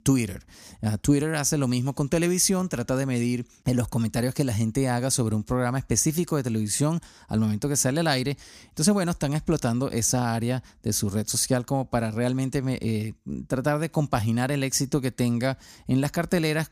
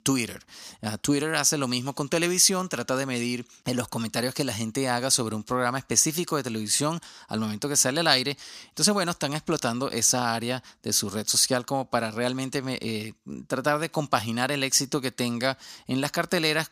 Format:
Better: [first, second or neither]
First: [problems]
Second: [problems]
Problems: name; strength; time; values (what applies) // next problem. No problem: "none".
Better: first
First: none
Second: thin; very slightly; fading below 350 Hz